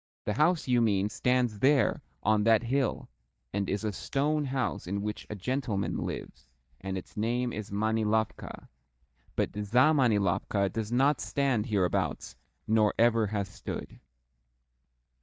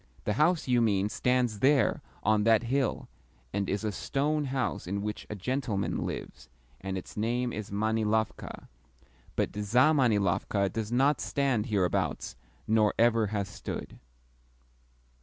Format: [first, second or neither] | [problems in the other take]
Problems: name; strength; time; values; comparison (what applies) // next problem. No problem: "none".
second | noise reduction (neural mask model DeepFilterNet 3)